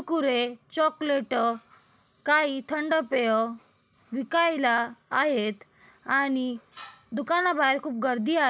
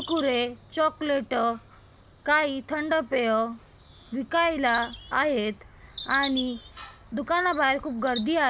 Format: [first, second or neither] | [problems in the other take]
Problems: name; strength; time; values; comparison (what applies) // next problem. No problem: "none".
first | background sound (Bird vocalization, bird call, bird song); 16 dB below the speech